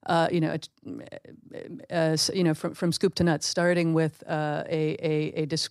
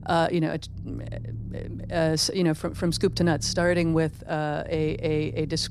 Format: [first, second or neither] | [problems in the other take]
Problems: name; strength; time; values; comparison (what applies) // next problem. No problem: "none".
first | low rumble; faint; throughout; 25 dB below the speech